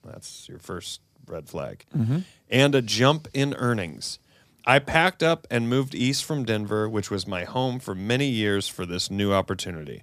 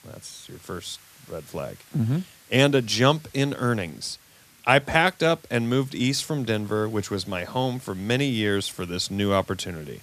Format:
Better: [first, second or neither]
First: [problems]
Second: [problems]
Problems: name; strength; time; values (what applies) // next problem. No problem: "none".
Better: first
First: none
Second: hiss; faint; throughout; 25 dB below the speech